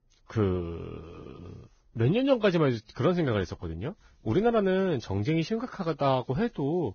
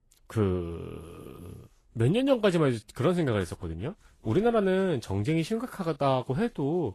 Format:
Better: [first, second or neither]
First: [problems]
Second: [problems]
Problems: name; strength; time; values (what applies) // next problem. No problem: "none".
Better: second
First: garbled, watery; badly; nothing above 6.5 kHz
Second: garbled, watery; slightly; nothing above 12.5 kHz